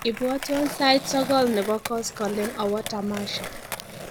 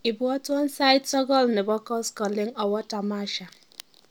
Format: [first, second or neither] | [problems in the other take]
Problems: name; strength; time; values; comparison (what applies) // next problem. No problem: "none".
second | background sound (Skateboard); 11 dB below the speech